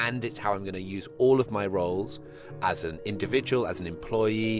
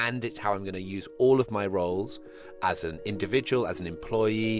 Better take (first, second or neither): second